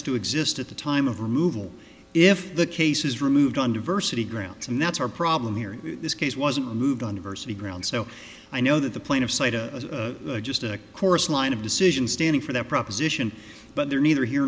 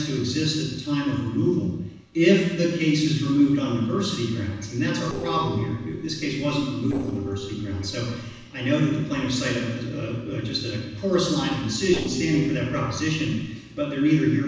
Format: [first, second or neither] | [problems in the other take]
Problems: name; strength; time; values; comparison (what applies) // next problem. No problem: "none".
first | noise reduction (neural separator model SepFormer DNS4)